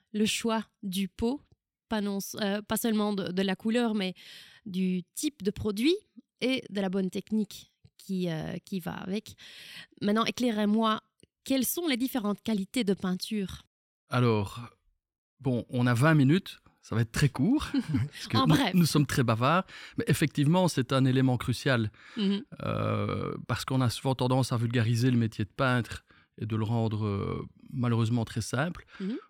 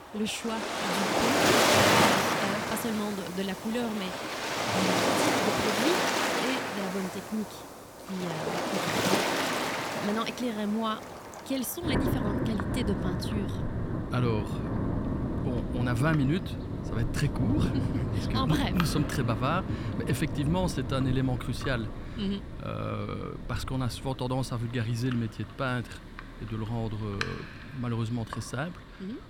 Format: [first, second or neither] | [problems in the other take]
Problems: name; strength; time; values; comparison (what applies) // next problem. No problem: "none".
first | rain or running water; very loud; throughout; 3 dB above the speech